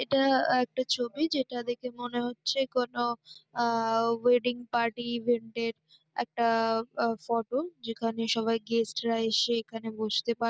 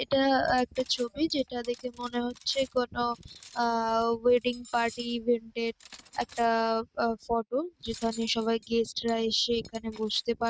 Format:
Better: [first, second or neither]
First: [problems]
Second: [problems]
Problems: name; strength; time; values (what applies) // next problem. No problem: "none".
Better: first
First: none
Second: noise reduction (neural mask model RNNoise)